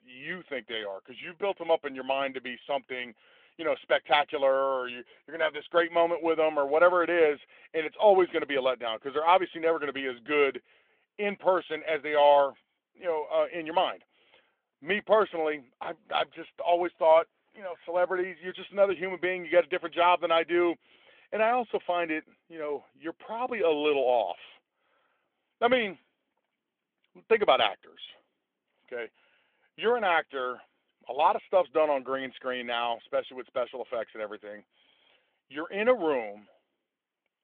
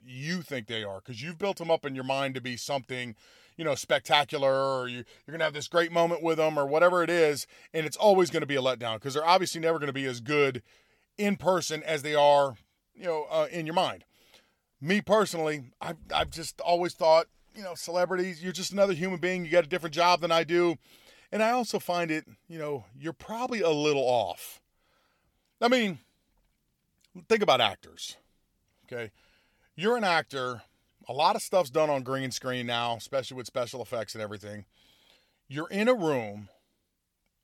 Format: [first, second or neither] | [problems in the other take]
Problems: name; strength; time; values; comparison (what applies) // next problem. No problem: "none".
second | phone-call audio; nothing above 3.5 kHz